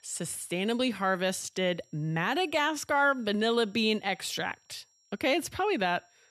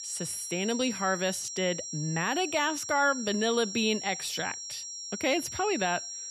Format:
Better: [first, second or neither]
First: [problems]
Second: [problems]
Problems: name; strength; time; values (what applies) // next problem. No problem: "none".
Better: first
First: high-pitched whine; faint; throughout; 5.5 kHz, 35 dB below the speech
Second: high-pitched whine; loud; throughout; 5.5 kHz, 7 dB below the speech